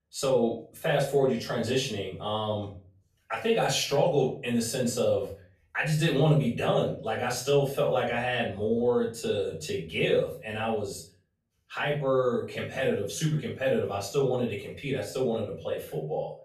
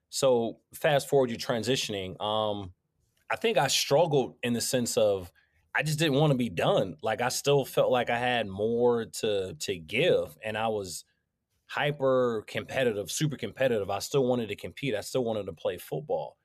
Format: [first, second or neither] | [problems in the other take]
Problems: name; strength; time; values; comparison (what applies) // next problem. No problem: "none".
second | off-mic speech; far // room echo; slight; dies away in 0.3 s